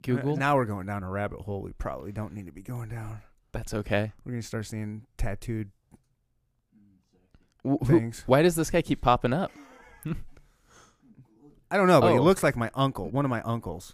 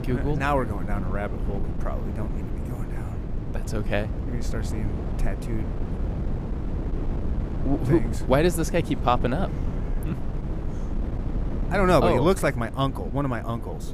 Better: first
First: none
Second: wind noise on the microphone; occasional gusts; 15 dB below the speech

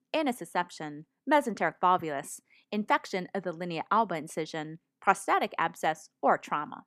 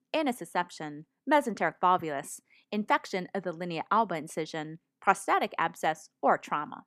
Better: neither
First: none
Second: none

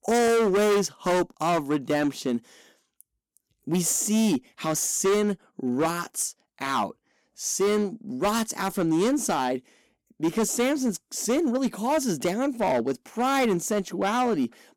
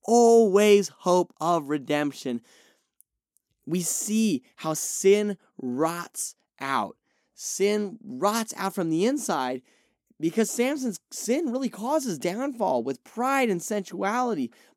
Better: second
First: distortion; heavy; 12% of the sound clipped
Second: none

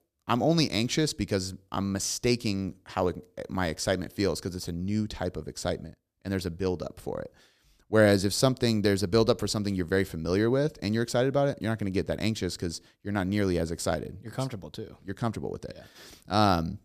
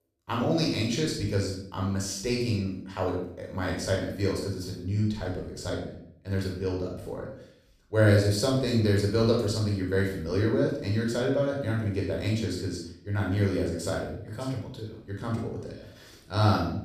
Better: first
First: none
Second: off-mic speech; far // room echo; noticeable; dies away in 0.5 s

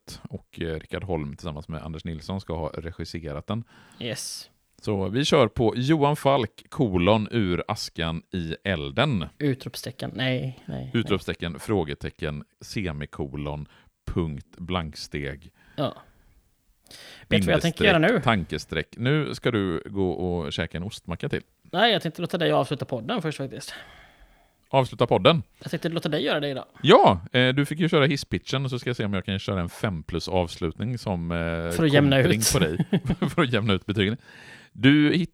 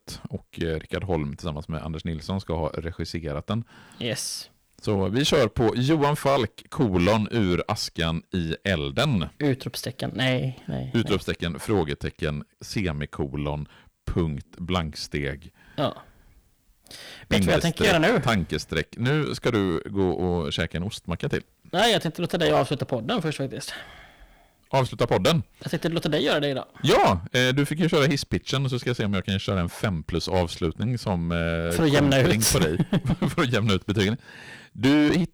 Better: first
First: none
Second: distortion; heavy; 7% of the sound clipped

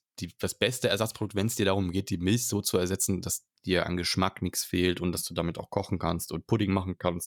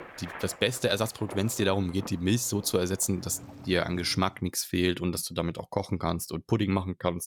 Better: first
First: none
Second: rain or running water; noticeable; until 4.5 s; 20 dB below the speech

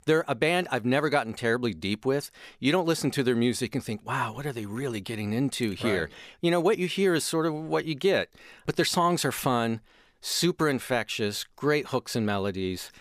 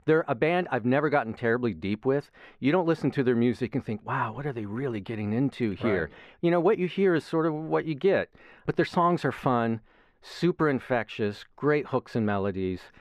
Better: first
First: none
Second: muffled; very; fading above 4 kHz

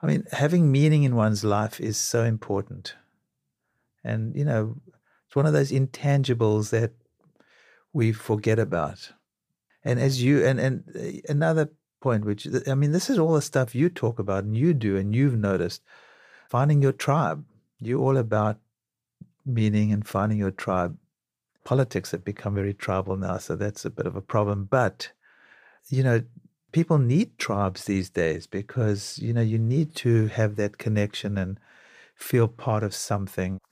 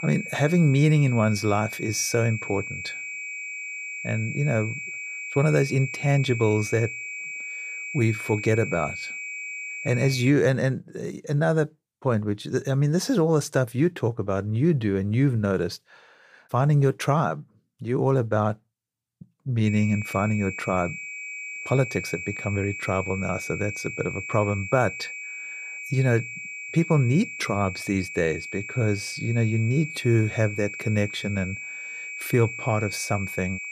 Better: first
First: none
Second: high-pitched whine; loud; until 10 s and from 20 s on; 2.5 kHz, 8 dB below the speech

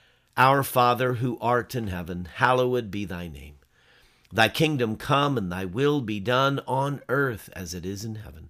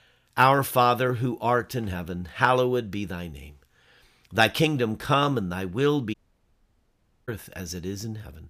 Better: first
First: none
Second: audio cutting out; at 6 s for 1 s

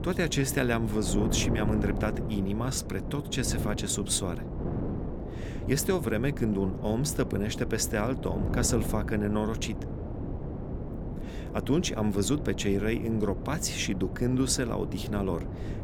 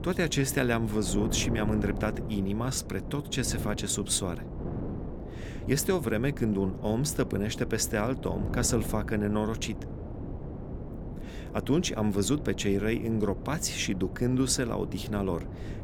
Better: second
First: wind noise on the microphone; heavy; 9 dB below the speech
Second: wind noise on the microphone; occasional gusts; 10 dB below the speech

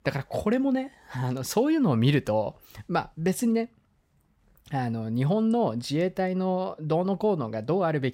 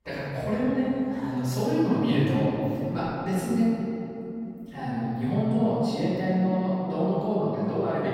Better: first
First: none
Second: off-mic speech; far // room echo; strong; dies away in 2.9 s

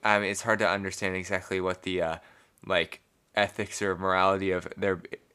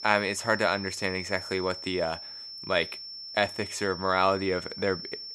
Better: first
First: none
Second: high-pitched whine; loud; throughout; 5.5 kHz, 9 dB below the speech

